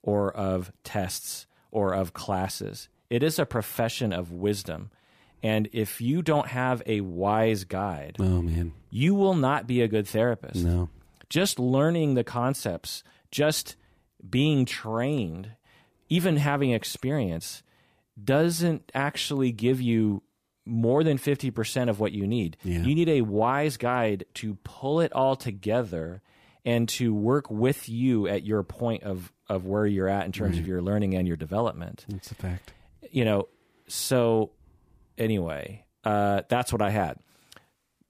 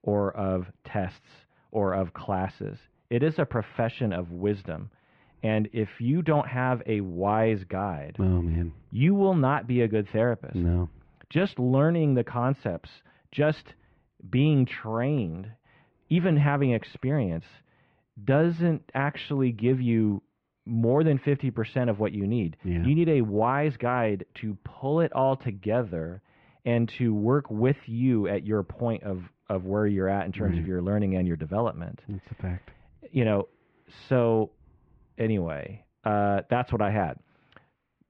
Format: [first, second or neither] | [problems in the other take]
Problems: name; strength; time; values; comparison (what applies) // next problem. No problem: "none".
first | muffled; very; fading above 2.5 kHz